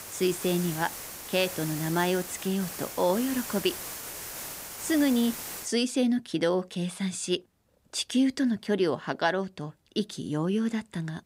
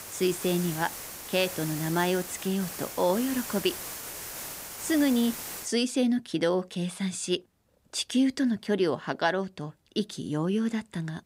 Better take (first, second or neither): neither